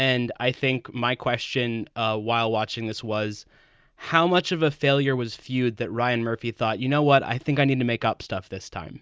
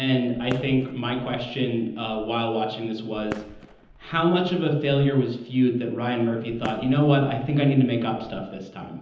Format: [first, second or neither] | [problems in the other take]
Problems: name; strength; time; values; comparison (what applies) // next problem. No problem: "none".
first | background sound (Fireworks); 18 dB below the speech // room echo; dies away in 0.9 s